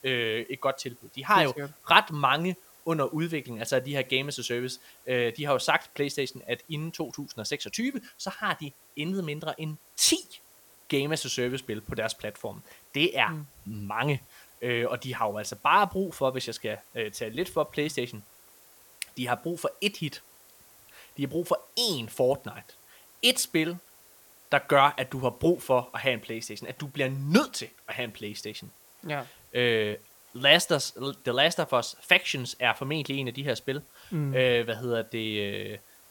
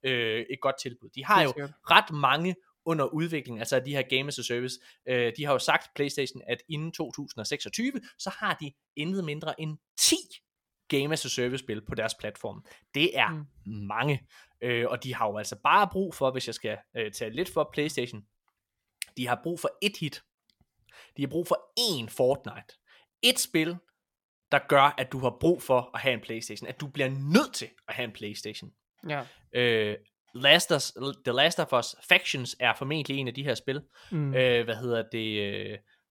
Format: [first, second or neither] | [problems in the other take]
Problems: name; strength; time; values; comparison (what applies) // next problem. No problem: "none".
second | hiss; faint; throughout; 25 dB below the speech